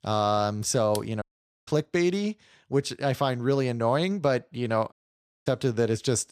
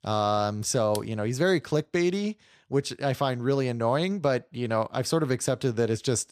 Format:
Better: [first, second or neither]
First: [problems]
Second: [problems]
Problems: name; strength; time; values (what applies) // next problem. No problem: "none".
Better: second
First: audio cutting out; at 1 s and at 5 s for 0.5 s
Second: none